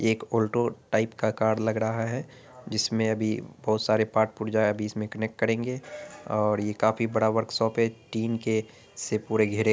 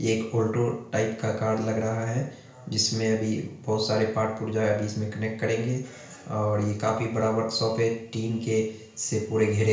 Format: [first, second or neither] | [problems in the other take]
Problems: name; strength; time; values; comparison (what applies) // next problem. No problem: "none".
first | room echo; dies away in 0.5 s